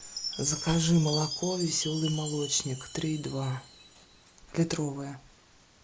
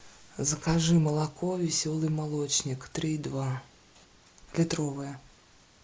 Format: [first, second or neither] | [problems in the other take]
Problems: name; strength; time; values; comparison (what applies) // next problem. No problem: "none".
second | background sound (Chime); 10 dB below the speech